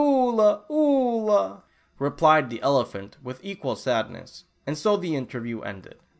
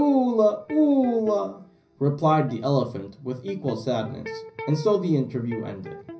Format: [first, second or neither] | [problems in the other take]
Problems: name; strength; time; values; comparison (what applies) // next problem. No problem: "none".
first | background sound (Electric guitar); 17 dB below the speech // room echo; dies away in 0.5 s